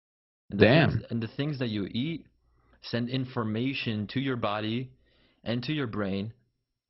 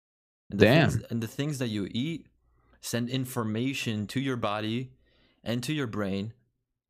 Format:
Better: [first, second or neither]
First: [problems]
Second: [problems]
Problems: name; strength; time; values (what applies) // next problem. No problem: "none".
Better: second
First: garbled, watery; badly; nothing above 5.5 kHz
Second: none